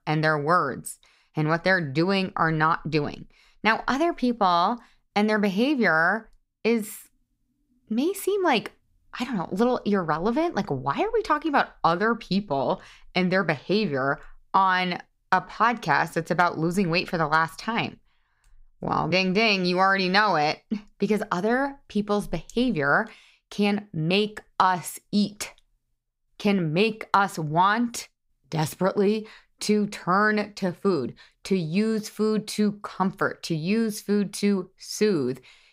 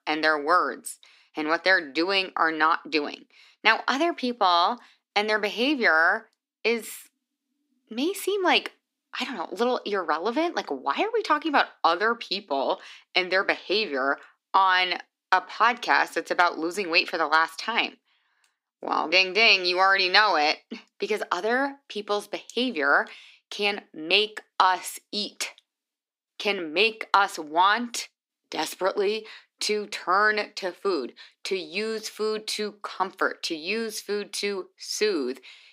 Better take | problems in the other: first | thin; somewhat; fading below 250 Hz

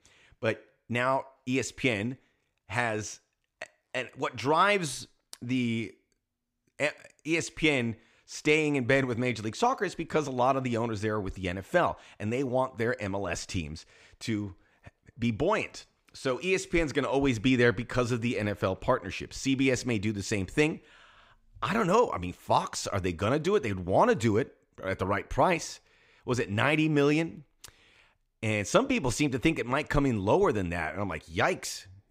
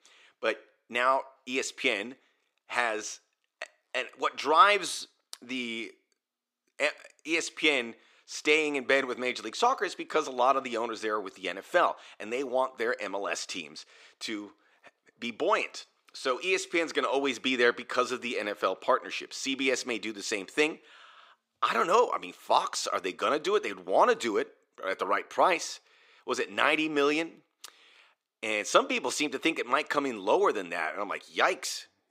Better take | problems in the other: first | thin; somewhat; fading below 350 Hz

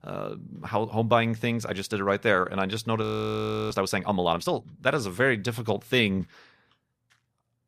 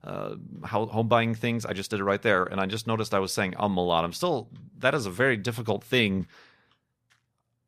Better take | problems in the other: second | audio freezing; at 3 s for 0.5 s

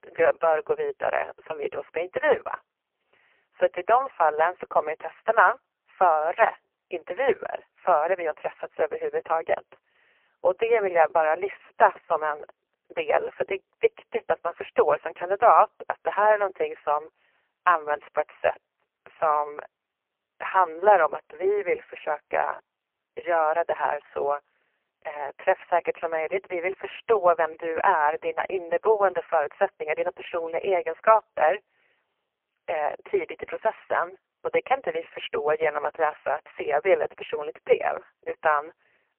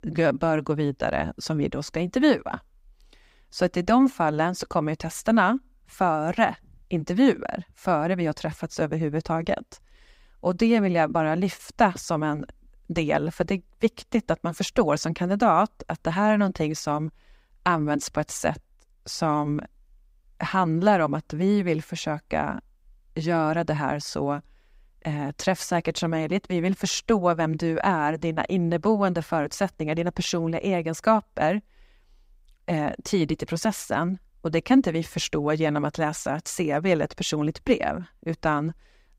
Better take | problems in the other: second | phone-call audio; poor line; nothing above 3 kHz

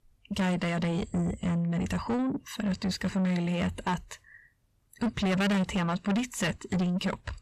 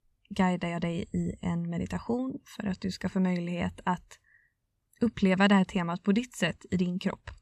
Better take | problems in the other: second | distortion; heavy; 5 dB below the speech

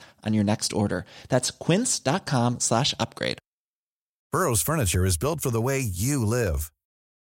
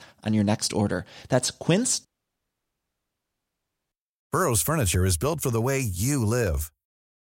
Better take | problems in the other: first | audio cutting out; at 2 s for 2 s

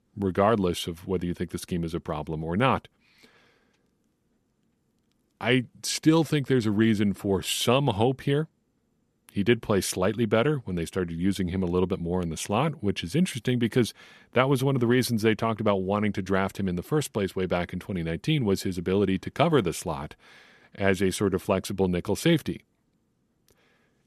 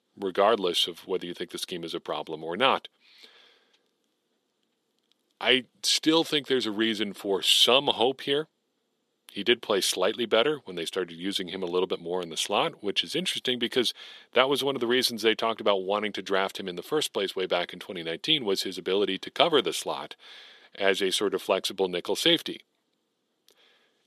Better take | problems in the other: first | thin; somewhat; fading below 400 Hz

